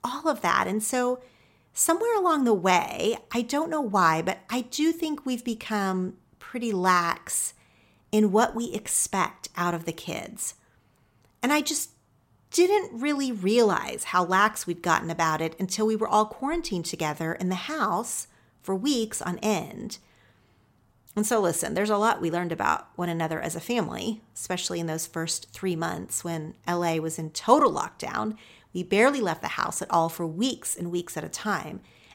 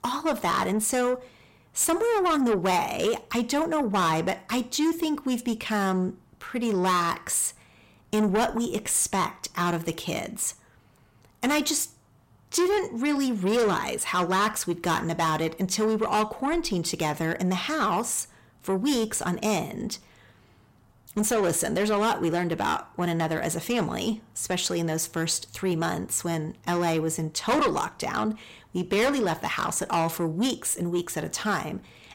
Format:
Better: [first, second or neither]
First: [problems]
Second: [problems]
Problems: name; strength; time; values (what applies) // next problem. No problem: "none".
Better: first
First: none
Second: distortion; heavy; 8 dB below the speech